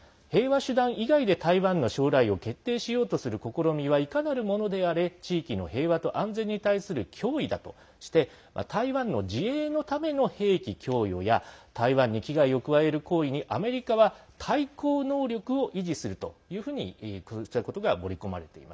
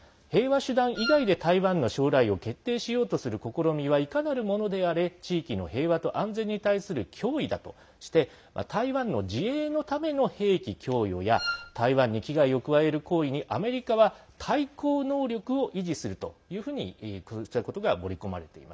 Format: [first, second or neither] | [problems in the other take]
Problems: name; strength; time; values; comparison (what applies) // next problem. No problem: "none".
first | background sound (Wind instrument, woodwind instrument); 8 dB below the speech